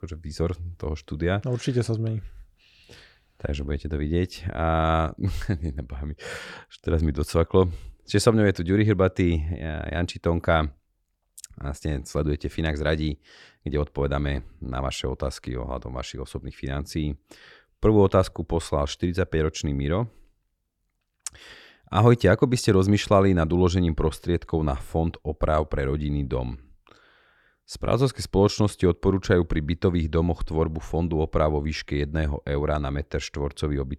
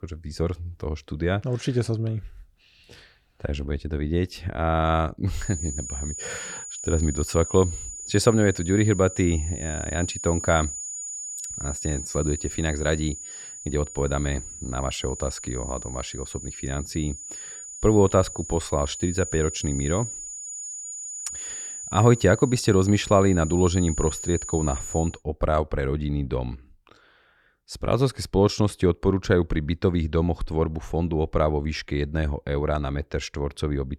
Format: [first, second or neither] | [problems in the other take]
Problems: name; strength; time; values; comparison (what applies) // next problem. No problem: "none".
first | high-pitched whine; loud; from 5.5 to 25 s; 7 kHz, 9 dB below the speech